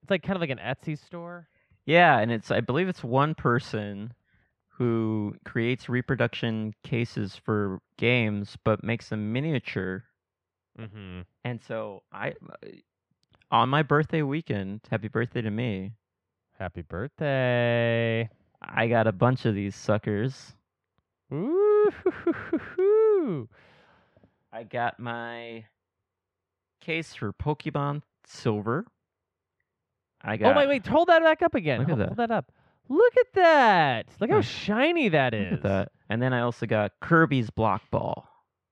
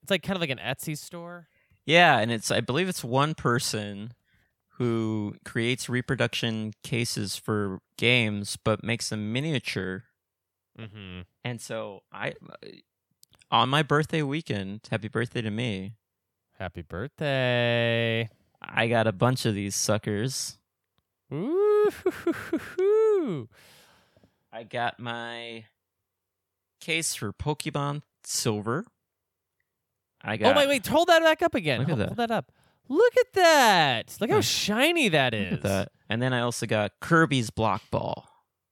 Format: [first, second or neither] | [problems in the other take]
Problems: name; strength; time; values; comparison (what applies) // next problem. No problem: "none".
second | muffled; very; fading above 2 kHz